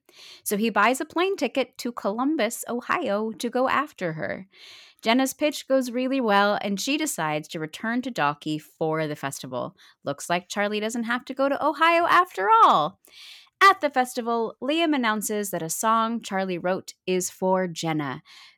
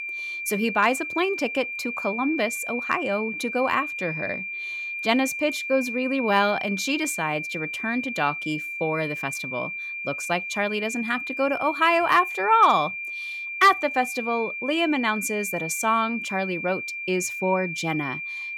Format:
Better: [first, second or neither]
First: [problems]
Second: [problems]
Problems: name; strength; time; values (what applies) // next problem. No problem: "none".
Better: first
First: none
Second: high-pitched whine; loud; throughout; 2.5 kHz, 5 dB below the speech